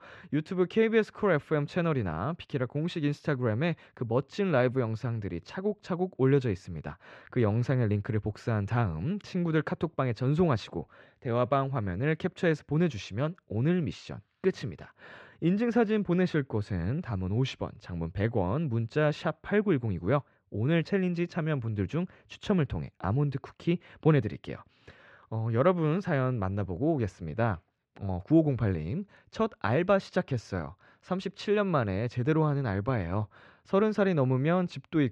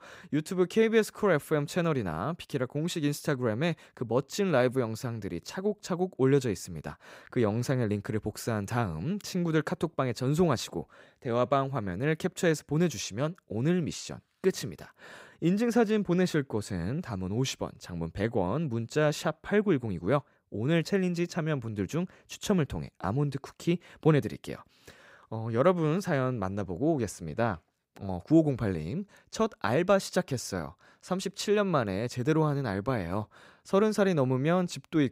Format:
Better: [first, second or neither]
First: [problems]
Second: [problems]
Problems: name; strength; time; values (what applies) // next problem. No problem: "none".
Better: second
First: muffled; slightly; fading above 3 kHz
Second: none